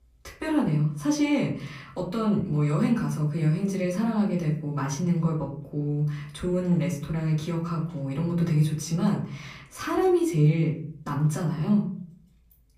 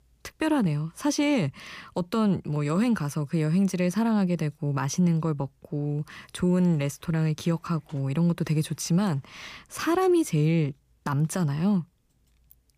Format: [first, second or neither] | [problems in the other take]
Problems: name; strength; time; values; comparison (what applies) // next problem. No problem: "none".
second | off-mic speech; far // room echo; slight; dies away in 0.5 s